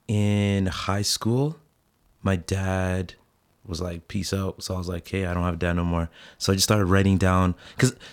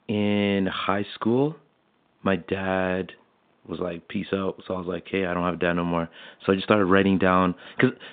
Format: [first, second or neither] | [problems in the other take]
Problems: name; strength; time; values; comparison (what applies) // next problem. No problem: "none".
first | phone-call audio; nothing above 4 kHz